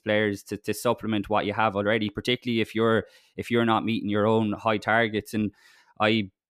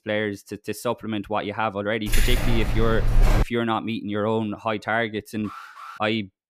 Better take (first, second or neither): first